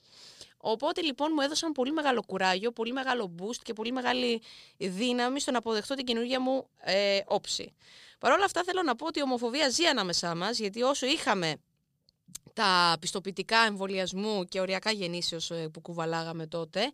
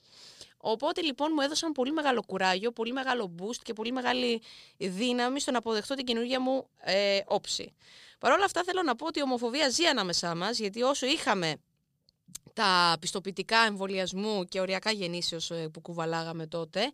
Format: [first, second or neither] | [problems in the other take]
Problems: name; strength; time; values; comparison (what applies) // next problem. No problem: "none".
neither | none